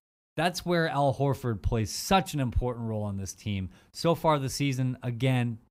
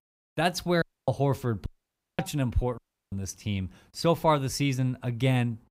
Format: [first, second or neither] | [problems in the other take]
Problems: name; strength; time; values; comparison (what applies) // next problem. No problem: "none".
first | audio cutting out; at 1 s, at 1.5 s for 0.5 s and at 3 s